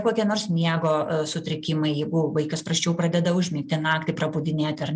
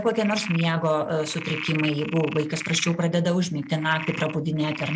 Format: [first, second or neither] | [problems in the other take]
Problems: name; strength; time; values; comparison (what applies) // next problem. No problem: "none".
first | background sound (Frog); 12 dB below the speech